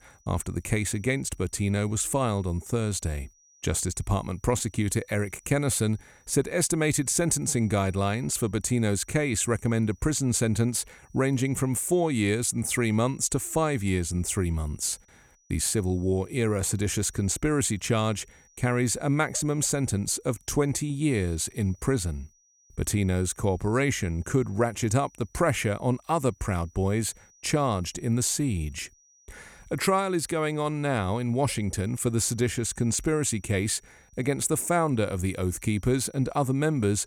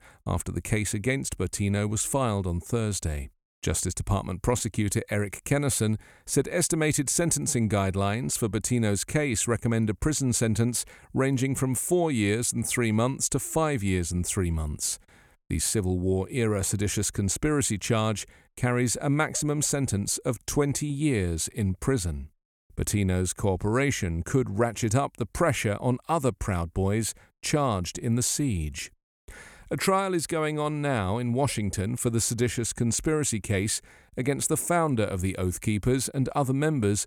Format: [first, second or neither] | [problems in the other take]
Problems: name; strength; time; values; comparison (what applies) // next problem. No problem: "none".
second | high-pitched whine; faint; throughout; 6 kHz, 35 dB below the speech